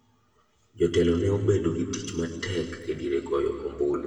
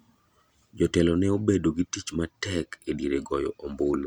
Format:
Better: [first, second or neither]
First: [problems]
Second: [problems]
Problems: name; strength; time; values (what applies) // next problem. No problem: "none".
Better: second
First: room echo; dies away in 2.1 s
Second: none